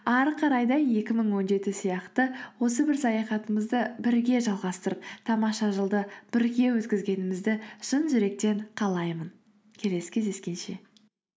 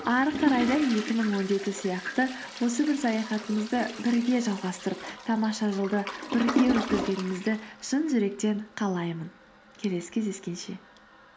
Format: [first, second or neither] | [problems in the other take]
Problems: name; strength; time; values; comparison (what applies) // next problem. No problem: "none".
first | background sound (Toilet flush); 8 dB below the speech